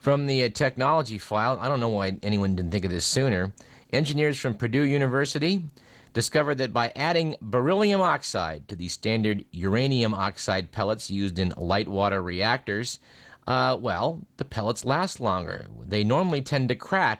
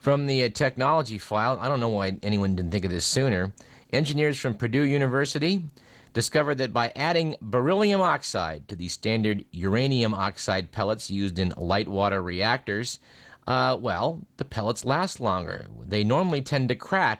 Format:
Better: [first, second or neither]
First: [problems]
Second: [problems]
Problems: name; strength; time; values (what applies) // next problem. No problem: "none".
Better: neither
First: garbled, watery; slightly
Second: garbled, watery; slightly